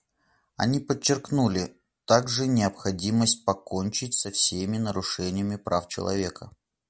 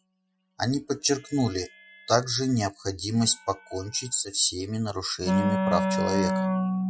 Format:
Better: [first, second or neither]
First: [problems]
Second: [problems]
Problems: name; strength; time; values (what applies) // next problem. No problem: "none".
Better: first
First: none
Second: noise reduction (classical method Wiener filter)